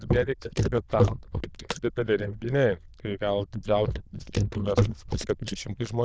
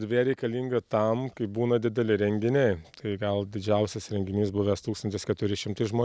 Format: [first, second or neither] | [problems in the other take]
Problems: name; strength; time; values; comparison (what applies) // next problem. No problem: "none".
second | noise reduction (neural diffusion model UNIVERSE++)